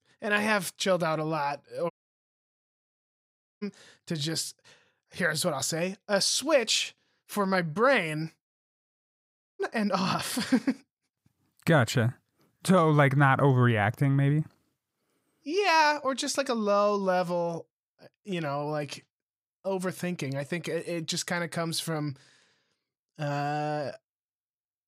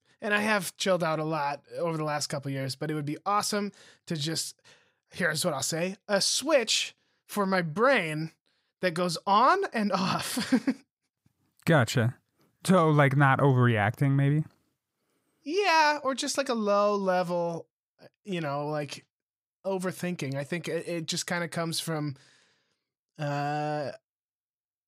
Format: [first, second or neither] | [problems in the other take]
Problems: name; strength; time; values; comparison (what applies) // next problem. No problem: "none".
second | audio cutting out; at 2 s for 1.5 s and at 8.5 s for 1 s